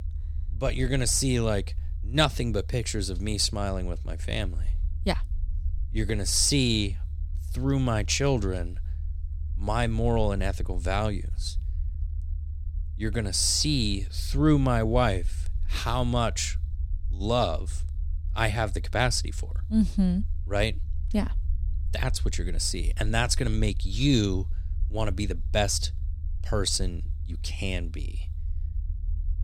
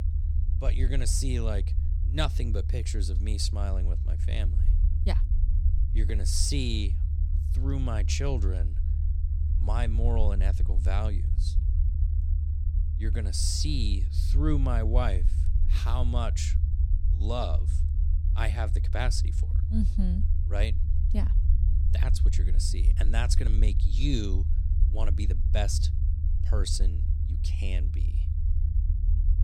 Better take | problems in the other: first | low rumble; loud; throughout; 10 dB below the speech; faint in the first

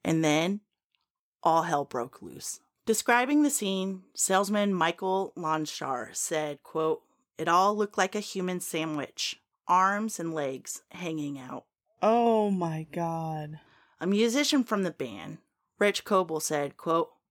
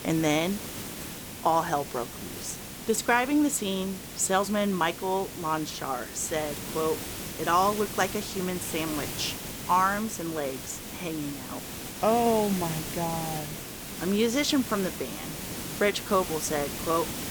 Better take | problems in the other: first | hiss; loud; throughout; 8 dB below the speech

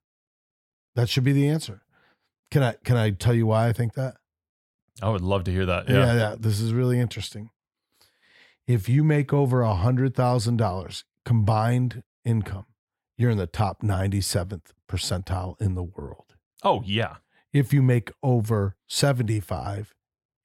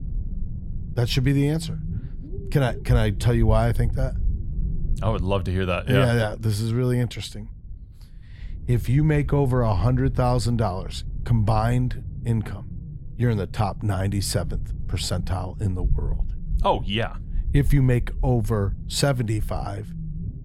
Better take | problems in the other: first | low rumble; noticeable; throughout; 20 dB below the speech

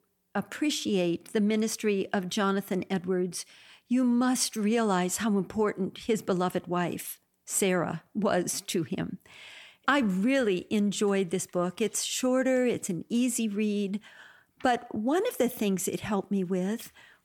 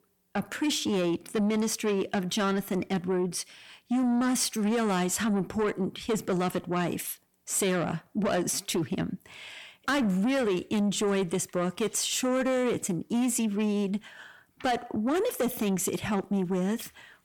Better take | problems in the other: first | distortion; slight; 10 dB below the speech

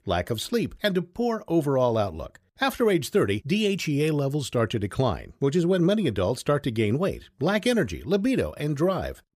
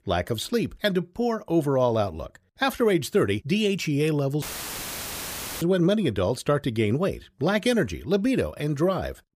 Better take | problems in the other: first | audio cutting out; filled with static; at 4.5 s for 1 s

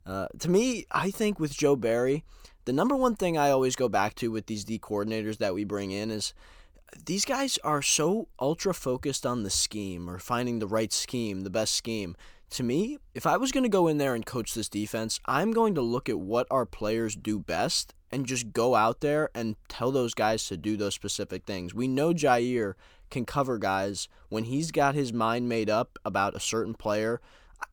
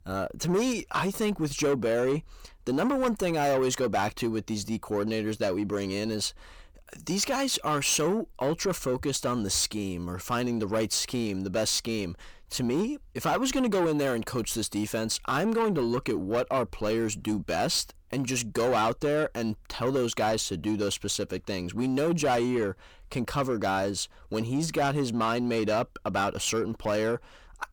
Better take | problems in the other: first | distortion; slight; 10 dB below the speech

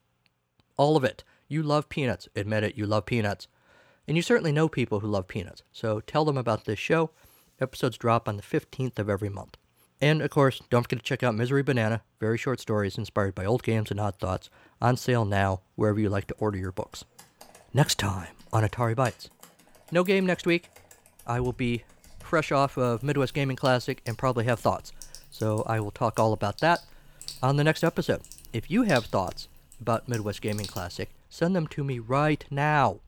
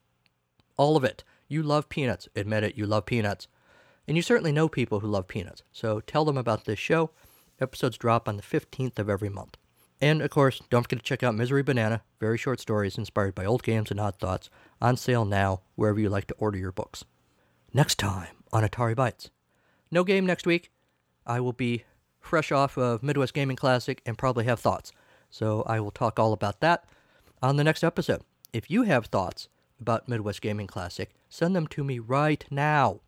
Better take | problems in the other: second | household noises; noticeable; from 16 s on; 20 dB below the speech

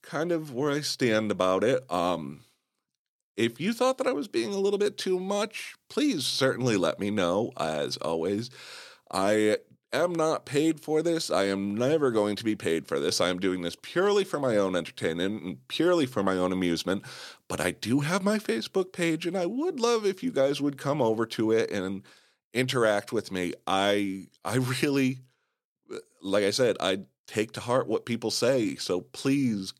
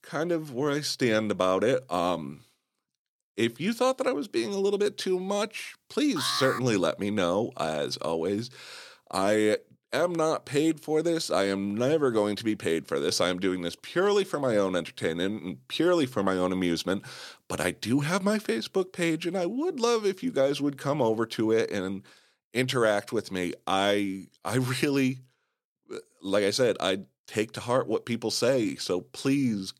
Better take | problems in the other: first | alarm; noticeable; at 6 s; peak 5 dB below the speech

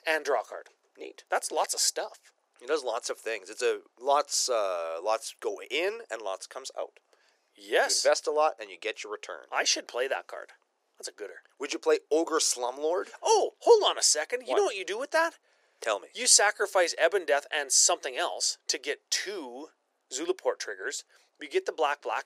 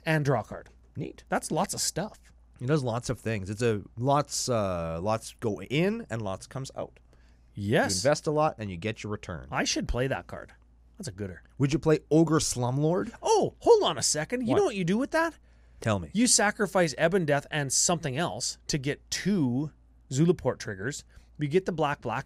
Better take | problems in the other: second | thin; very; fading below 400 Hz

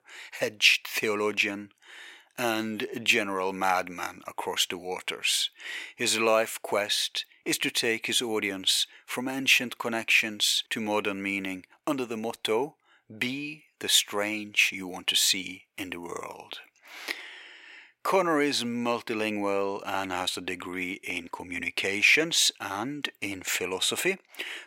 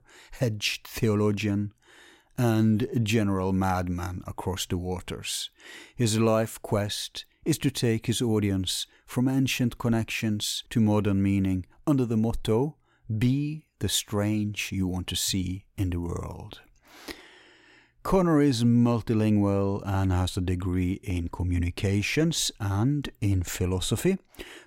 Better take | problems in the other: second | thin; somewhat; fading below 500 Hz

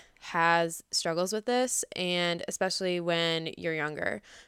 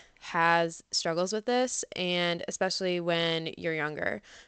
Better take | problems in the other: first | garbled, watery; slightly; nothing above 8 kHz

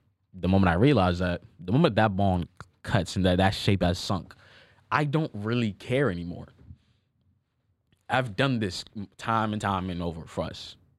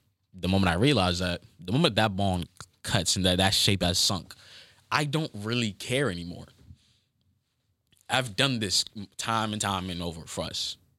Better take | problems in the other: second | muffled; slightly; fading above 3 kHz

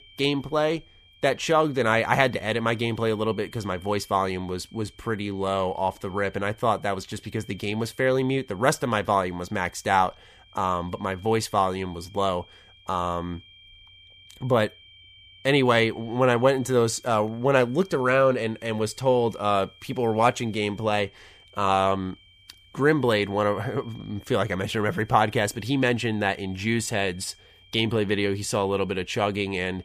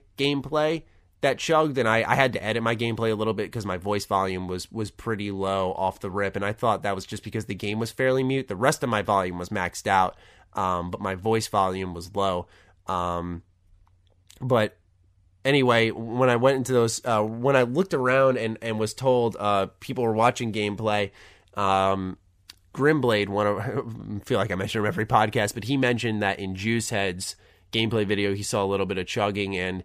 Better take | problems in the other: second | high-pitched whine; faint; throughout; 3 kHz, 25 dB below the speech

